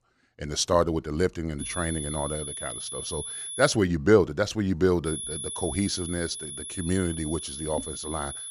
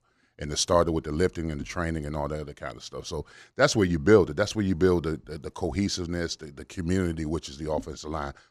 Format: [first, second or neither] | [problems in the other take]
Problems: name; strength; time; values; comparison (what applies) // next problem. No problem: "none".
second | high-pitched whine; loud; from 1.5 to 3.5 s and from 5 s on; 10.5 kHz, 7 dB below the speech